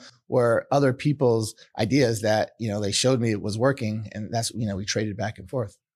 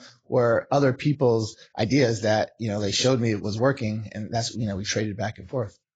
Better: first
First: none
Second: garbled, watery; badly; nothing above 7.5 kHz

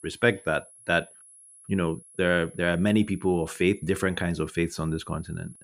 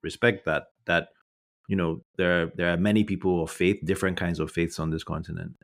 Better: second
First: high-pitched whine; faint; throughout; 11 kHz, 20 dB below the speech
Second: none

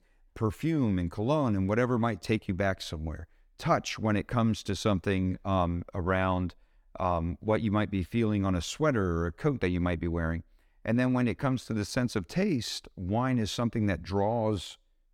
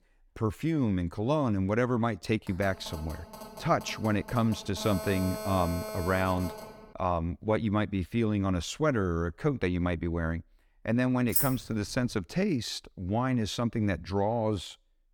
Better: first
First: none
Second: phone ringing; noticeable; from 2.5 to 7 s; peak 7 dB below the speech // jangling keys; loud; at 11 s; peak 3 dB above the speech

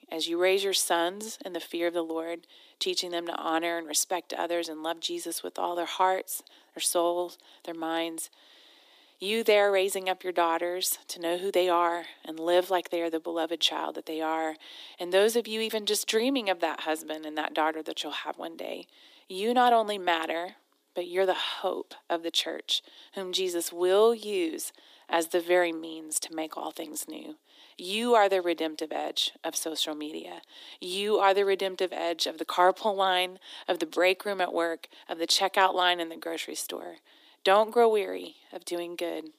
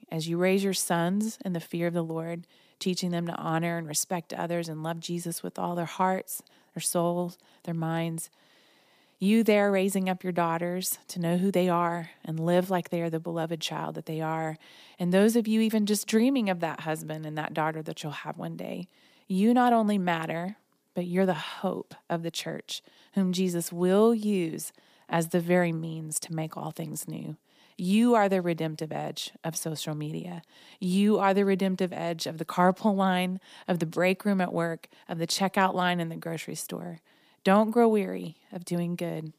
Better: second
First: thin; very; fading below 300 Hz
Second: none

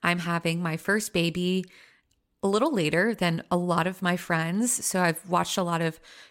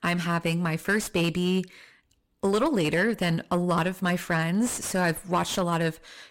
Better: first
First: none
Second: distortion; slight; 9 dB below the speech

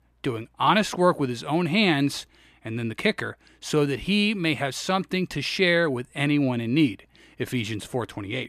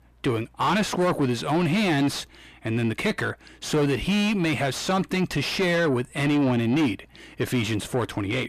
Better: first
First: none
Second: distortion; heavy; 7 dB below the speech

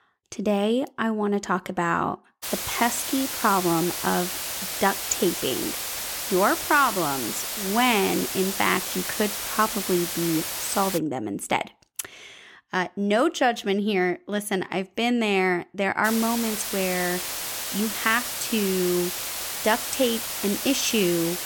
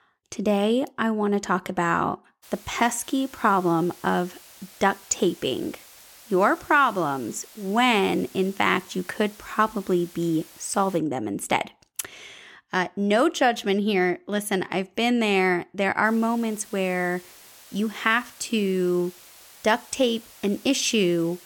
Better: second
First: hiss; loud; from 2.5 to 11 s and from 16 s on; 3 dB below the speech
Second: hiss; faint; from 2.5 to 11 s and from 16 s on; 20 dB below the speech

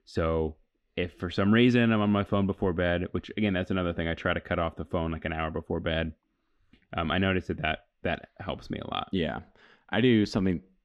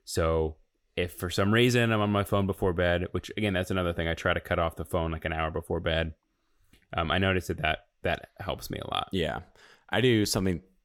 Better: second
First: muffled; slightly; fading above 3 kHz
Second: none

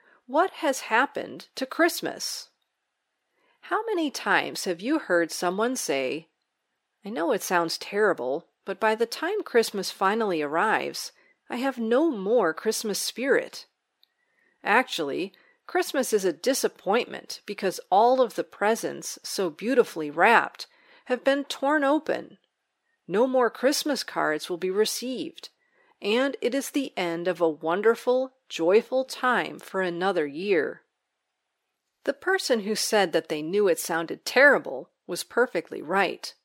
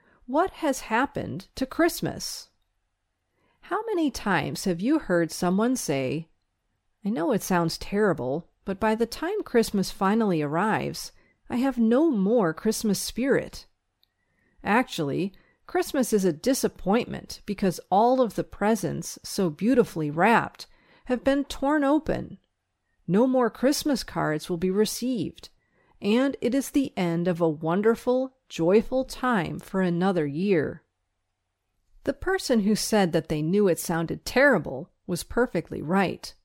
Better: second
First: thin; somewhat; fading below 400 Hz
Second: none

